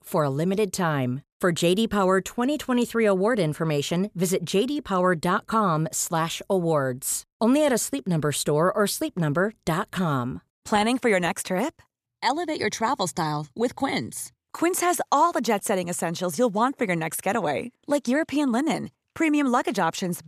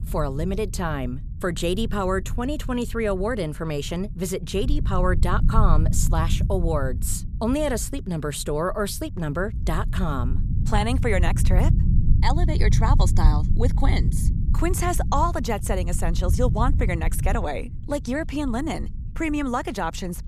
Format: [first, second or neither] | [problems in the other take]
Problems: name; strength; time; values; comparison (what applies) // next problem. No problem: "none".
first | low rumble; noticeable; throughout; 15 dB below the speech